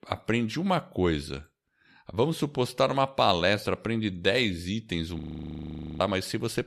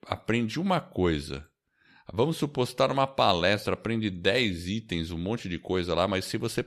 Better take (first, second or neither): second